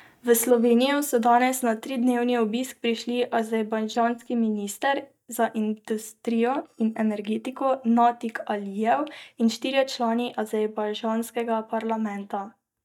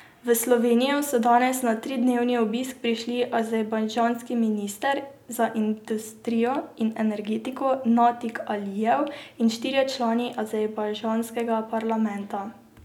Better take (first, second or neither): second